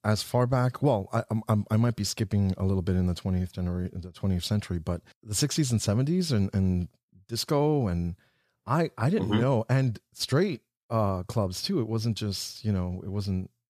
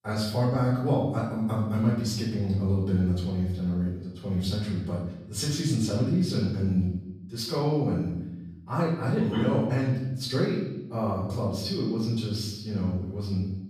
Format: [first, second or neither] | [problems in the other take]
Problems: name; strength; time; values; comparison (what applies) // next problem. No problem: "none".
first | off-mic speech; far // room echo; noticeable; dies away in 0.9 s